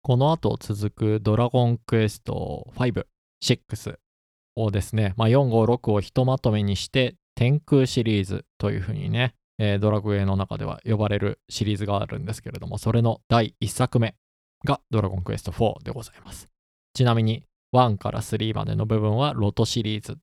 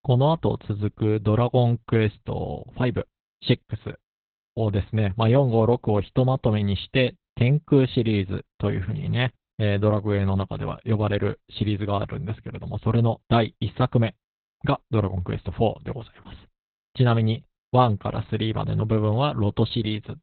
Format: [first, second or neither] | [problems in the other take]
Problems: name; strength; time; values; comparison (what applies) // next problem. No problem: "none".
first | garbled, watery; badly; nothing above 4 kHz